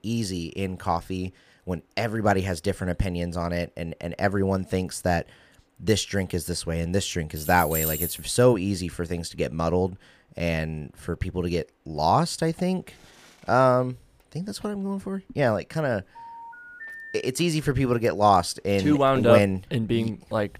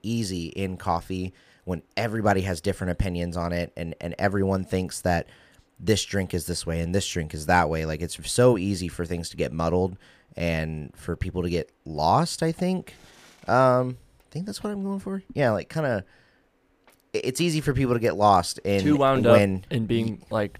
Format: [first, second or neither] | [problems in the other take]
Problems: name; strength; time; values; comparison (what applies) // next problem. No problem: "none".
second | jangling keys; noticeable; at 7.5 s; peak level with the speech // phone ringing; faint; from 16 to 17 s; peak 10 dB below the speech